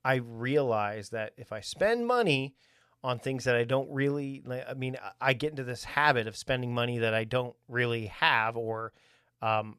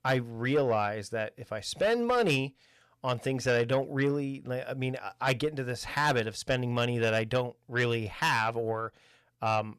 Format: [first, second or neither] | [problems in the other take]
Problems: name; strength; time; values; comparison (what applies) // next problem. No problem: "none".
first | distortion; slight; 10 dB below the speech